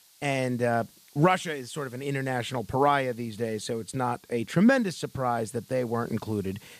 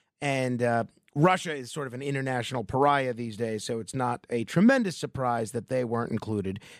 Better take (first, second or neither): second